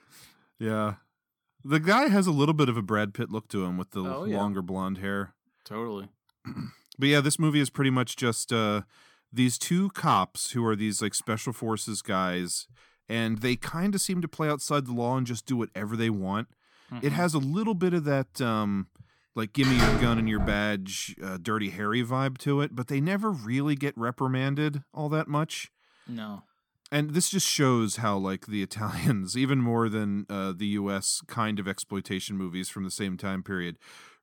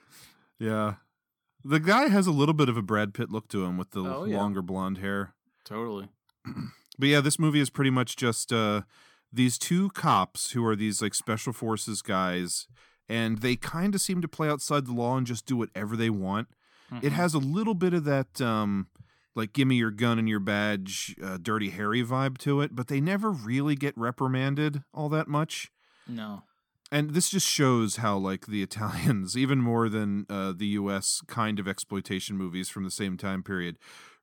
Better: second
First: door banging; loud; at 20 s; peak 3 dB above the speech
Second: none

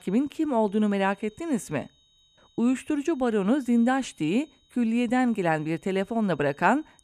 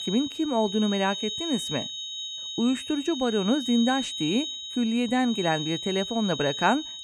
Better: first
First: high-pitched whine; faint; throughout; 4 kHz, 35 dB below the speech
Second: high-pitched whine; loud; throughout; 4 kHz, 6 dB below the speech

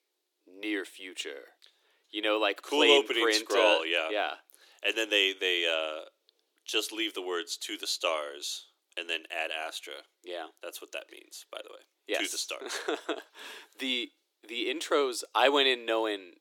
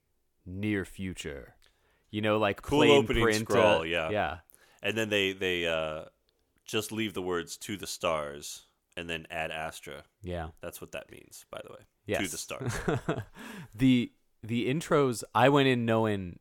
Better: second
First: thin; somewhat; fading below 300 Hz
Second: none

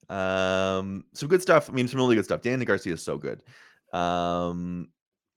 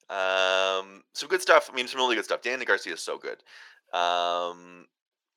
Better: first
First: none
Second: thin; very; fading below 450 Hz

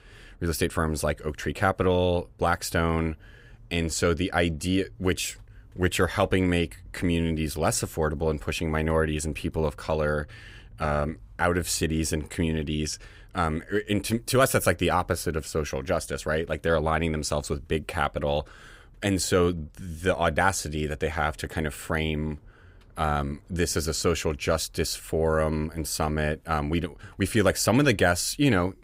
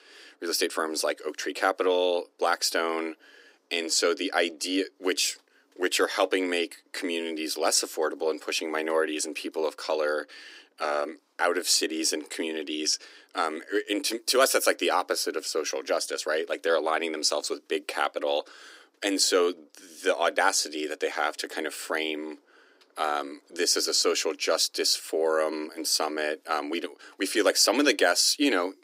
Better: first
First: none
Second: thin; somewhat; fading below 300 Hz

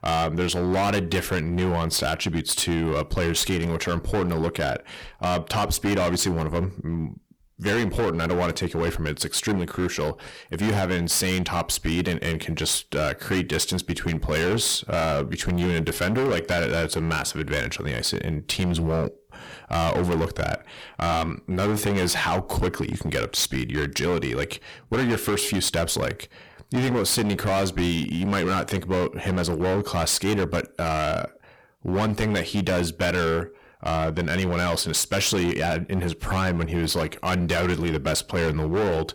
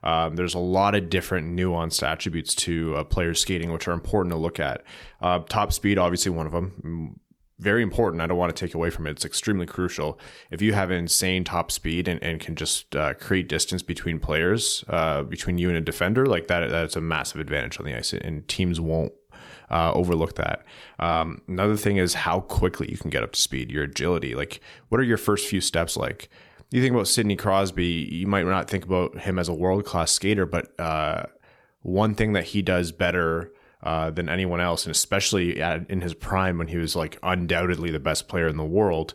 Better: second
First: distortion; heavy; 18% of the sound clipped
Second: none

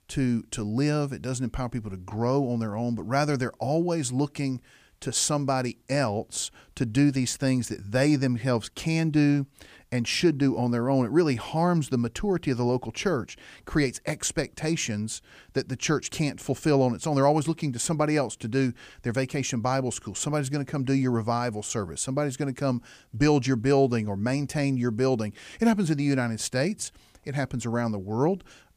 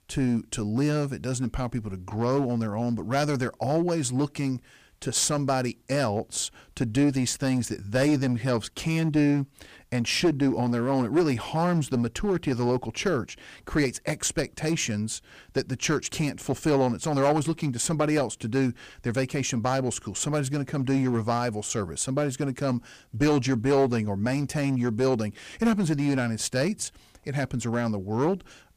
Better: first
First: none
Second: distortion; slight; 5% of the sound clipped

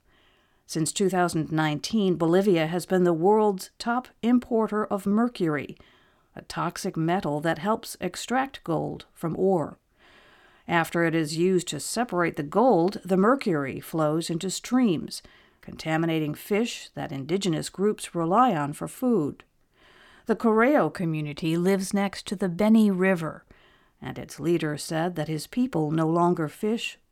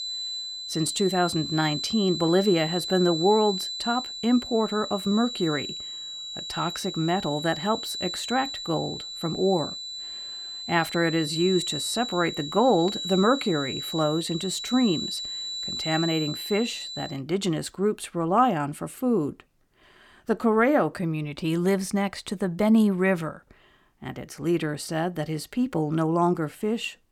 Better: first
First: none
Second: high-pitched whine; loud; until 17 s; 4 kHz, 6 dB below the speech

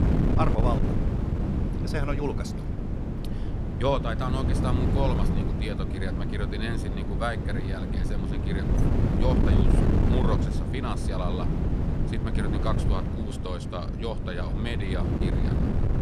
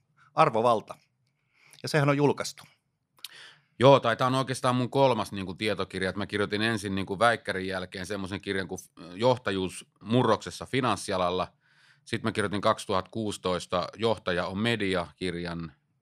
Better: second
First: wind noise on the microphone; heavy; 2 dB below the speech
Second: none

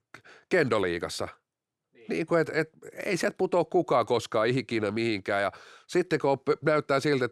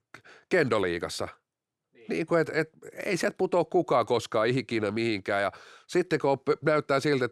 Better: neither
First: none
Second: none

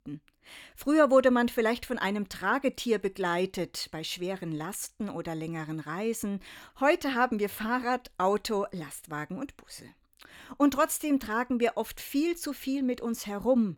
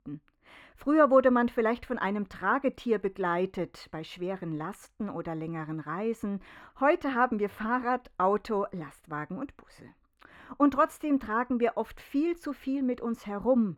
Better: first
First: none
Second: muffled; very; fading above 3 kHz

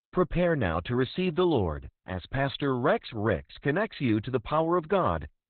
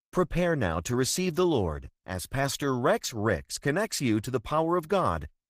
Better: second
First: garbled, watery; badly; nothing above 4 kHz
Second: garbled, watery; slightly; nothing above 15 kHz

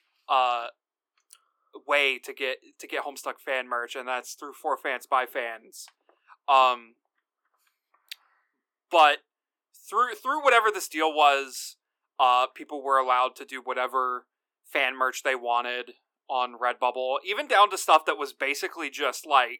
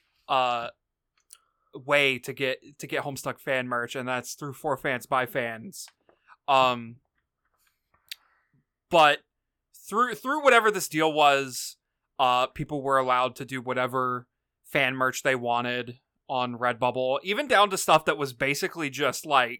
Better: second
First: thin; somewhat; fading below 300 Hz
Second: none

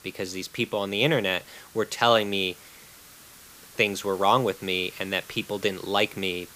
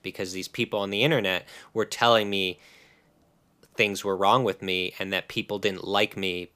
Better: second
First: hiss; faint; throughout; 20 dB below the speech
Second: none

